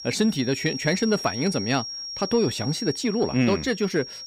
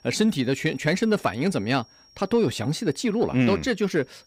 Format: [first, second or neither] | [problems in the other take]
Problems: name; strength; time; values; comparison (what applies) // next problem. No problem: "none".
second | high-pitched whine; loud; throughout; 5.5 kHz, 8 dB below the speech; faint in the second